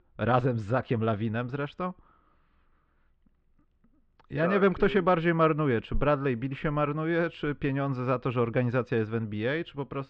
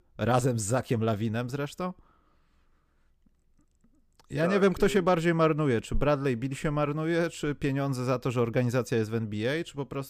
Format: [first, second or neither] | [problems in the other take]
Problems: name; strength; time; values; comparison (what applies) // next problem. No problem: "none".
second | muffled; very; fading above 3.5 kHz